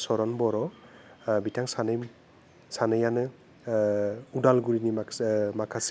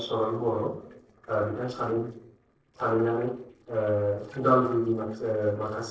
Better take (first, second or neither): first